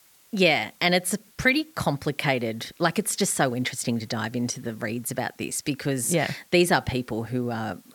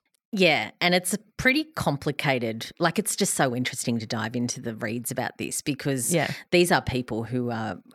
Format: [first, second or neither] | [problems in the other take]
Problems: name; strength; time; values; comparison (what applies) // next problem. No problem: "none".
second | hiss; faint; throughout; 30 dB below the speech